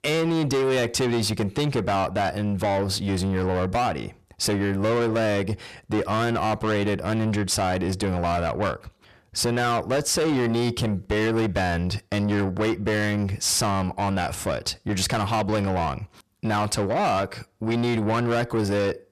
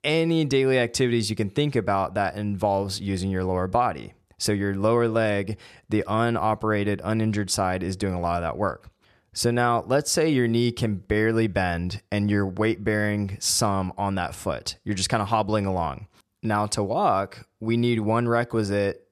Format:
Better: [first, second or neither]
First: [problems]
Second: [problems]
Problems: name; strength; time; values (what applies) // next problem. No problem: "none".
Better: second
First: distortion; heavy; 8 dB below the speech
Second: none